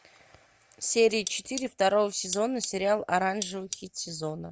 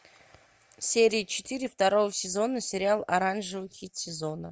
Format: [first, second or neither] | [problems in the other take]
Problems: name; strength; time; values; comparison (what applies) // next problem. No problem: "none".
second | background sound (Cutlery, silverware); 12 dB below the speech